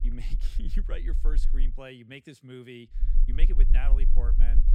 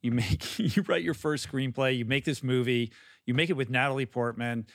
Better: second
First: low rumble; loud; until 1.5 s and from 3 s on; 9 dB below the speech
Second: none

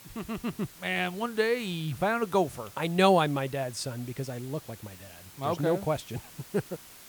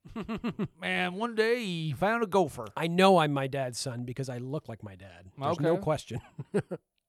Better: second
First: hiss; noticeable; throughout; 20 dB below the speech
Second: none

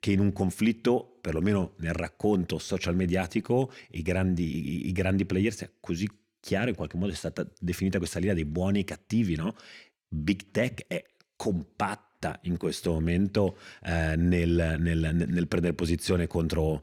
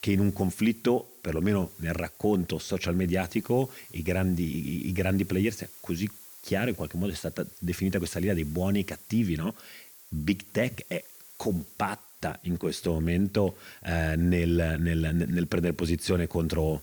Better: first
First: none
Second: hiss; noticeable; throughout; 20 dB below the speech

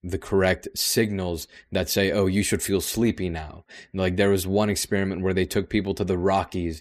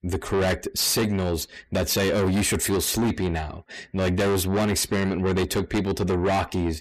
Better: first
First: none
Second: distortion; heavy; 7 dB below the speech

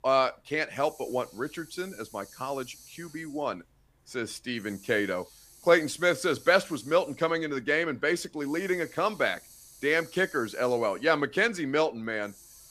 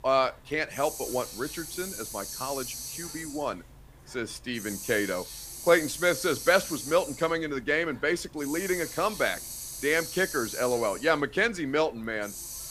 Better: first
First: hiss; faint; throughout; 20 dB below the speech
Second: hiss; loud; throughout; 9 dB below the speech

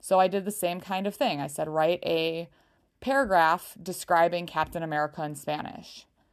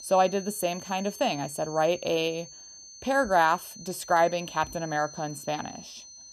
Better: first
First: none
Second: high-pitched whine; noticeable; throughout; 6 kHz, 15 dB below the speech

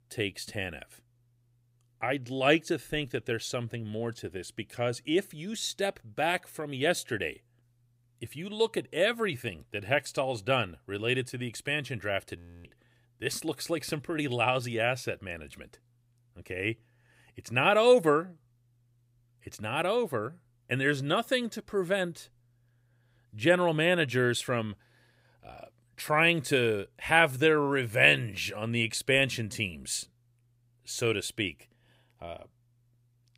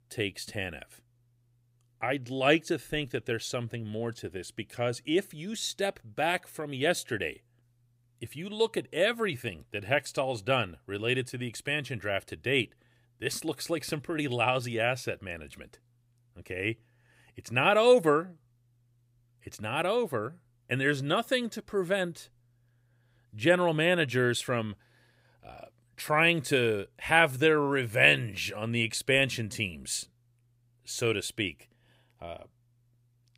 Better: second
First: audio freezing; at 12 s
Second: none

